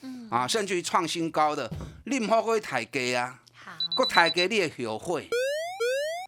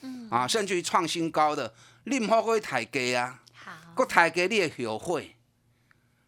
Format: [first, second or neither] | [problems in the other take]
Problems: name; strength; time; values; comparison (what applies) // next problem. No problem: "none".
second | footsteps; faint; at 1.5 s; peak 15 dB below the speech // alarm; loud; at 4 s; peak level with the speech // siren; noticeable; at 5.5 s; peak 1 dB below the speech